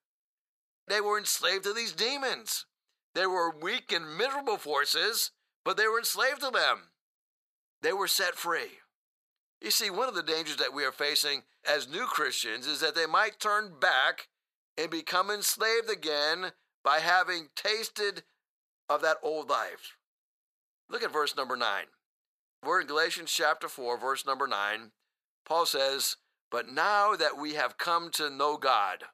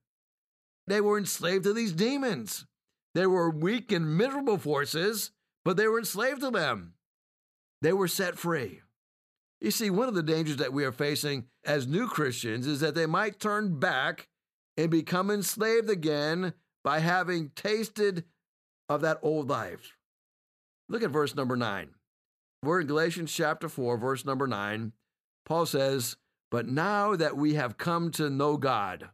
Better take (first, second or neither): second